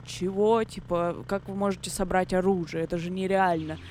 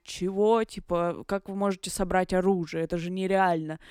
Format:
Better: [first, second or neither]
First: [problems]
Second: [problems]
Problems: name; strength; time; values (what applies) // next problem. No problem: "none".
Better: second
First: traffic noise; noticeable; throughout; 20 dB below the speech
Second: none